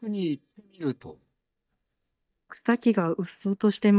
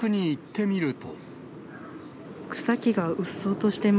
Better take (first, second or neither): second